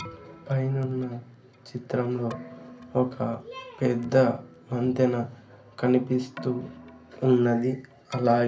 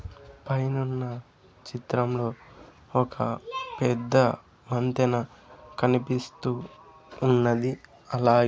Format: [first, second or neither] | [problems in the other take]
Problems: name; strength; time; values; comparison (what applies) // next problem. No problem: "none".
second | background sound (Keyboard (musical)); 19 dB below the speech // room echo; dies away in 0.3 s